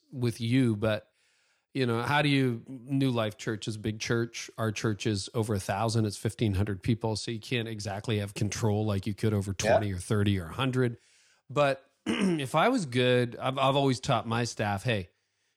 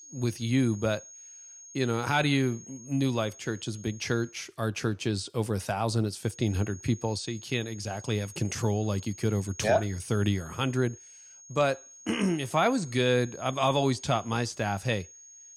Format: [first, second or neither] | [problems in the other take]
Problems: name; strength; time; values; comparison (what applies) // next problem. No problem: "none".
first | high-pitched whine; noticeable; until 4.5 s and from 6.5 s on; 6.5 kHz, 15 dB below the speech